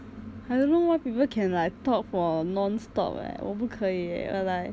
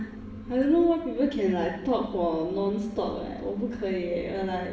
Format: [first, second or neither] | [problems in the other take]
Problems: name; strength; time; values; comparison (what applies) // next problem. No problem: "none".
first | room echo; dies away in 0.7 s